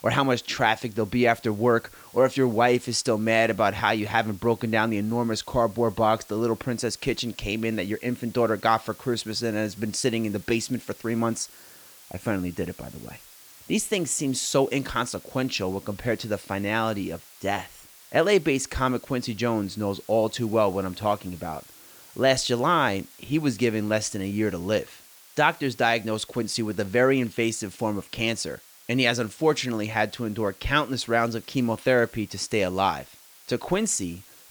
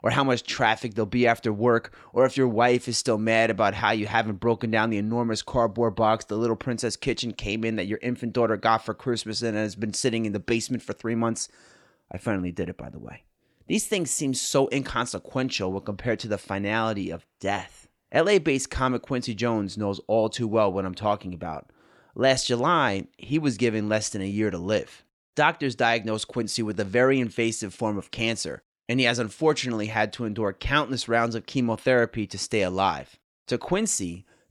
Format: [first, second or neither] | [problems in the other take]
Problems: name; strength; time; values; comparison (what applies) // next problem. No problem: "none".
second | hiss; faint; throughout; 20 dB below the speech